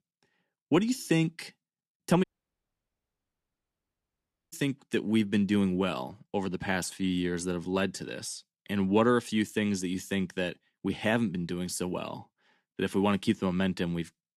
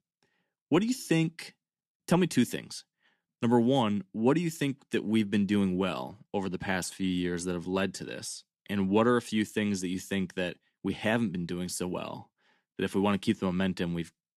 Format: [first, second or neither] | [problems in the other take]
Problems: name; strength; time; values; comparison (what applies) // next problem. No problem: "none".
second | audio cutting out; at 2 s for 2.5 s